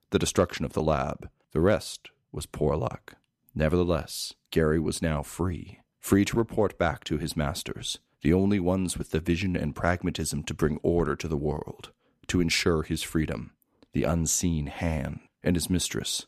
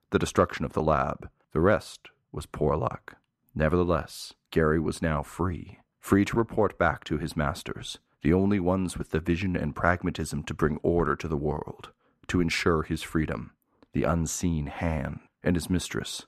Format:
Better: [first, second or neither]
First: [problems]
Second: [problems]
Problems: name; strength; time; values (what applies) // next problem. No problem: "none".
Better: first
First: none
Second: muffled; slightly; fading above 3 kHz